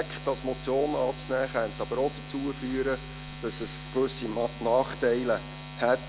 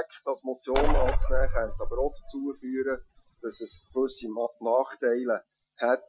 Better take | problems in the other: first | noise reduction (classical method Wiener filter)

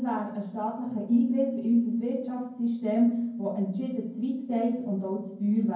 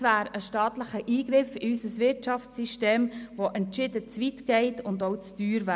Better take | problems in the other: second | room echo; dies away in 0.9 s

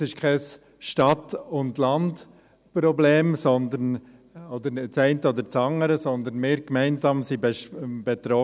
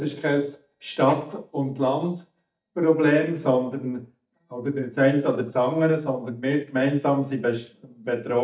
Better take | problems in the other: first | noise reduction (neural mask model DeepFilterNet 3)

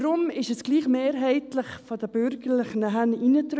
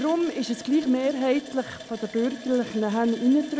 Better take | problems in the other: first | background sound (Water tap, faucet); 18 dB below the speech

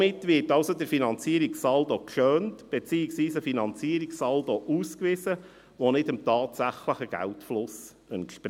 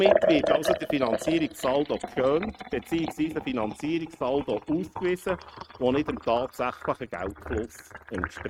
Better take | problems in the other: first | noise reduction (neural mask model RNNoise)

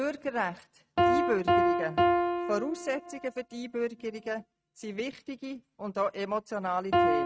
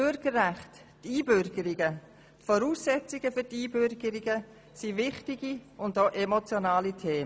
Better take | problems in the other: second | noise reduction (neural mask model RNNoise)

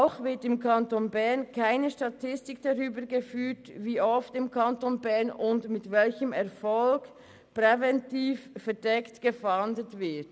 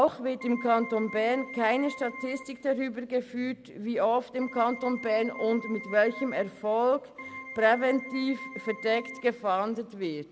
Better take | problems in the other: first | background sound (Keyboard (musical)); 14 dB below the speech

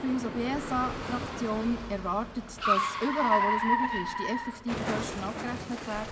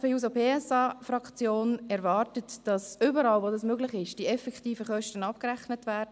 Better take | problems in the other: second | background sound (Car); as loud as the speech // room echo; dies away in 2 s

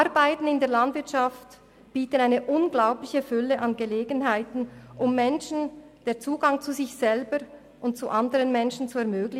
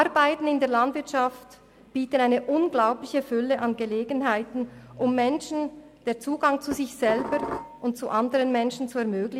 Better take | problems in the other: first | background sound (Dishes, pots, and pans); 9 dB below the speech

